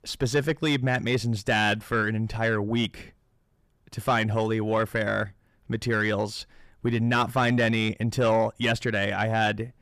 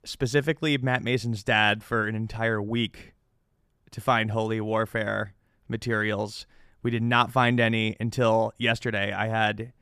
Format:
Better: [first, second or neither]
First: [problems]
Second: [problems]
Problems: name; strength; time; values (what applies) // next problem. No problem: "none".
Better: second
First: distortion; slight; 10 dB below the speech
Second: none